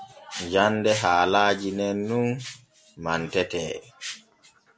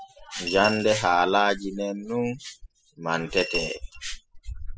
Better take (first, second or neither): first